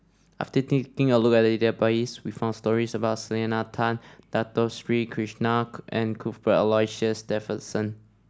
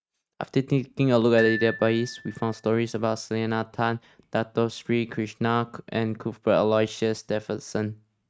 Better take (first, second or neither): first